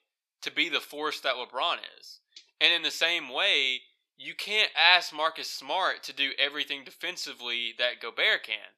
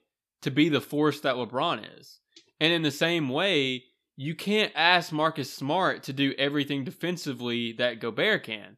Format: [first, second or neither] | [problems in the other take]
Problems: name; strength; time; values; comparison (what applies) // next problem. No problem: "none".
second | thin; very; fading below 700 Hz